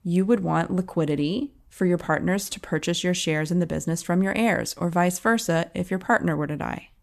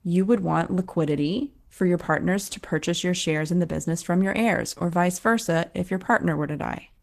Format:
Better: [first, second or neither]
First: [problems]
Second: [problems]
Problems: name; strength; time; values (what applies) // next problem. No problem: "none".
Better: first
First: none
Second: garbled, watery; slightly; nothing above 14 kHz